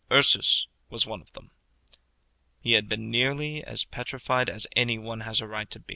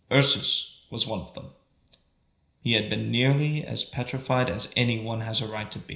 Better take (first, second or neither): first